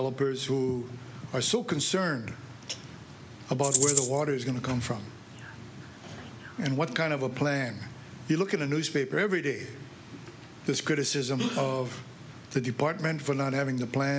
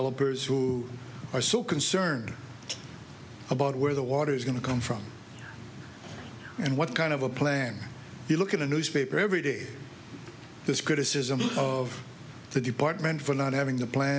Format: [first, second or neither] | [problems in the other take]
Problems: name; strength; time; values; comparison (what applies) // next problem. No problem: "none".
second | background sound (Rattle (instrument)); 3 dB above the speech